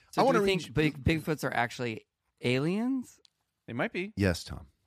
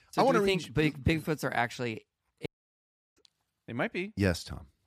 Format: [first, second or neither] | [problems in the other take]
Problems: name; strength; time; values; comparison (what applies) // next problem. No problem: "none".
first | audio cutting out; at 2.5 s for 0.5 s